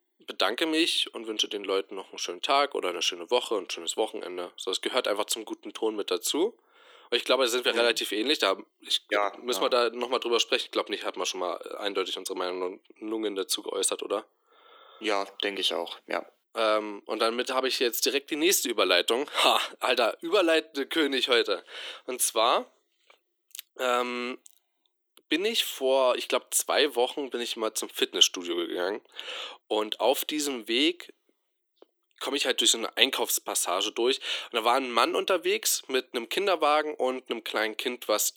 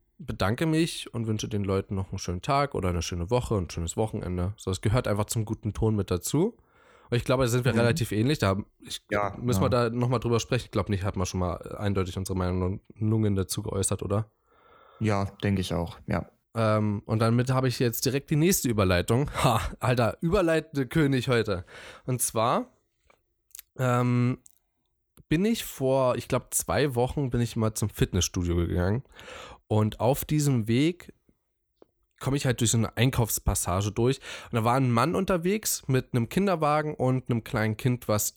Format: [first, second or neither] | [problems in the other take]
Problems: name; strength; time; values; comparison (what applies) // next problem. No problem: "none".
second | thin; very; fading below 300 Hz